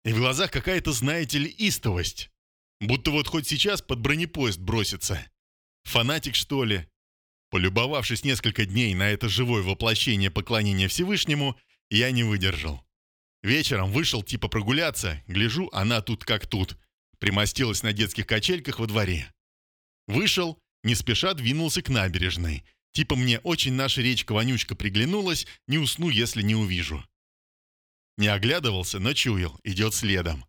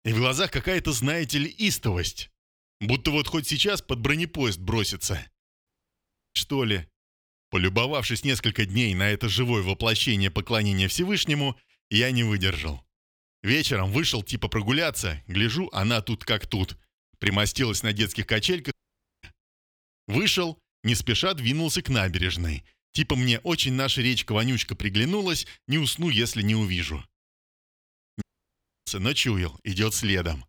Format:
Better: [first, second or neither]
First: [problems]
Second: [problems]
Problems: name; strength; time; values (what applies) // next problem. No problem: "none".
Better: first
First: none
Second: audio cutting out; at 5.5 s for 0.5 s, at 19 s for 0.5 s and at 28 s for 0.5 s